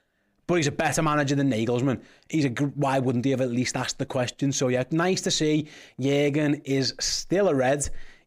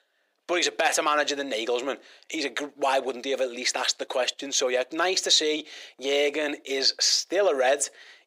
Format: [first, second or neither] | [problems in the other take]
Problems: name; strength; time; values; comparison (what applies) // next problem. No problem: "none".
first | thin; very; fading below 400 Hz